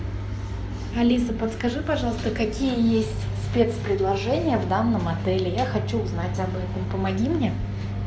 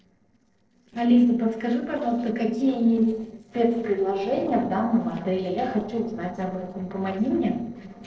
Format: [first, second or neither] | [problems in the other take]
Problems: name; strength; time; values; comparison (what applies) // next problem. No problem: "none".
first | noise reduction (neural separator model SepFormer DNS4)